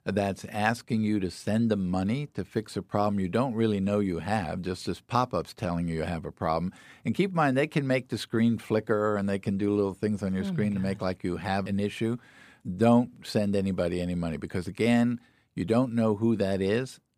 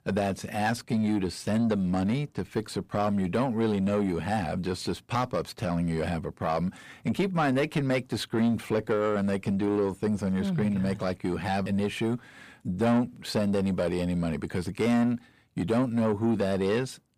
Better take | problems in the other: first | distortion; slight; 10 dB below the speech

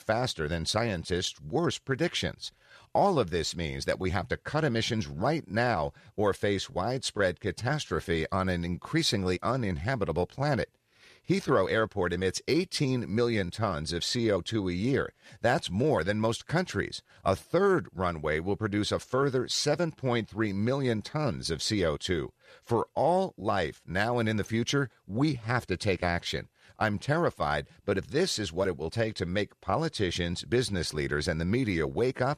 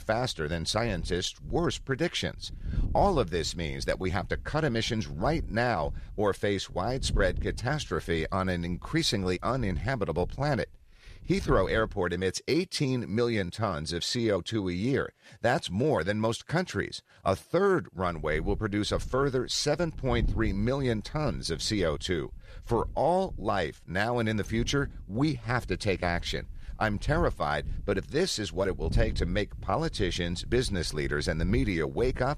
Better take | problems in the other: first | wind noise on the microphone; occasional gusts; until 12 s and from 18 s on; 25 dB below the speech

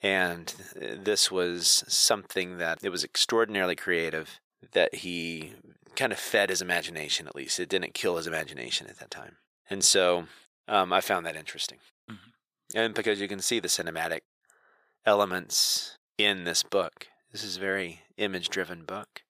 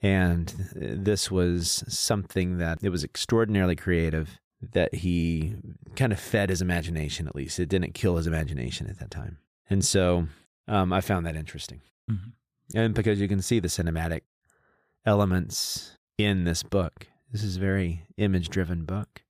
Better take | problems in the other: second | thin; very; fading below 500 Hz

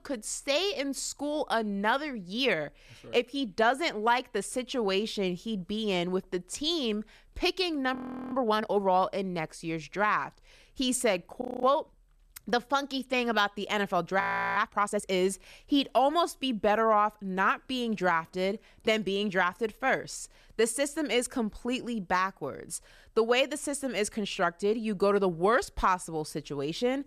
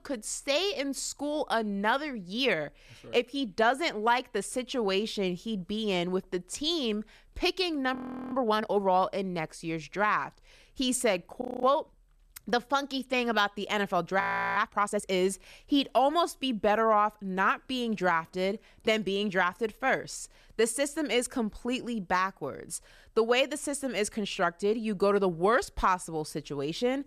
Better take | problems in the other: neither | audio freezing; at 8 s, at 11 s and at 14 s; the same in both

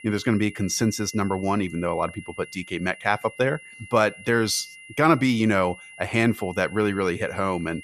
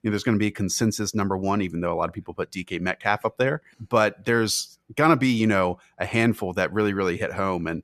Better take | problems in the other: second | high-pitched whine; noticeable; throughout; 2 kHz, 20 dB below the speech

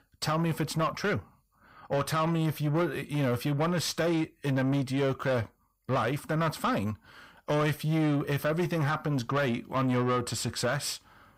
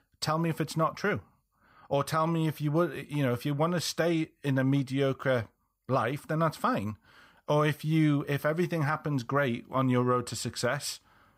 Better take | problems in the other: second | distortion; slight; 10 dB below the speech

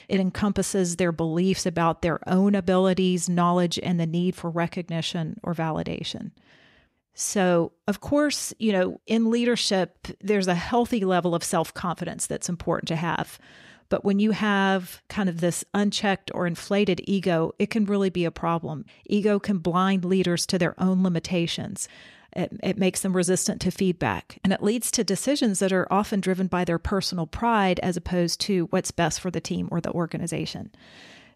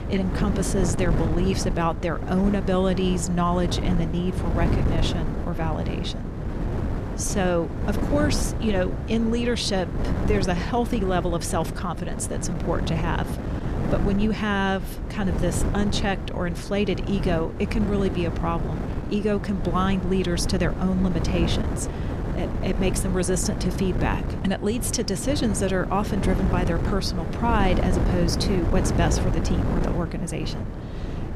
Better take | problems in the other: first | wind noise on the microphone; heavy; 6 dB below the speech

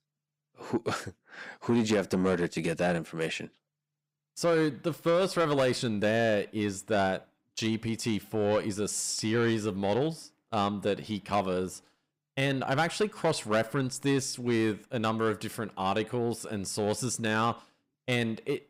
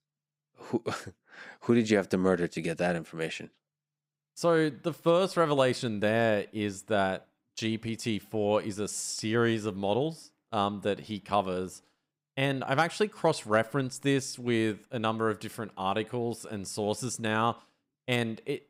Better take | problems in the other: second | distortion; slight; 10 dB below the speech

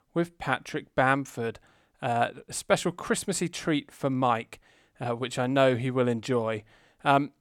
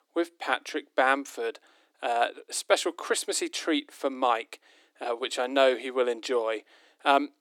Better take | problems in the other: first | thin; somewhat; fading below 300 Hz

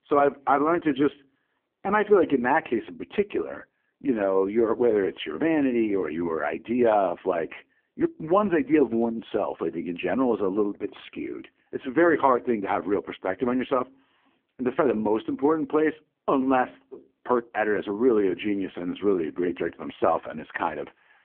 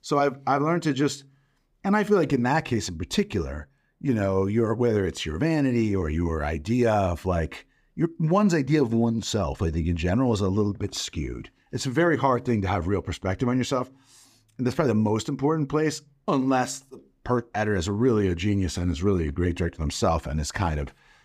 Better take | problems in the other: second | phone-call audio; poor line

